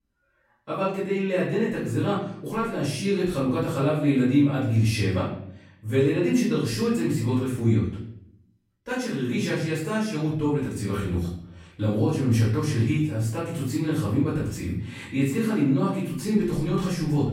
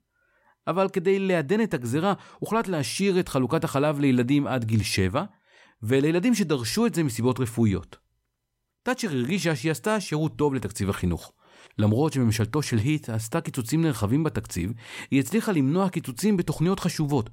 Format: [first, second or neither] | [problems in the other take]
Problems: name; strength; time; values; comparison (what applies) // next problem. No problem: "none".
second | off-mic speech; far // room echo; noticeable; dies away in 0.6 s